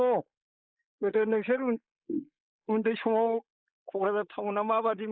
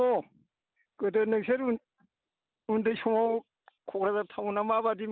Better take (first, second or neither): second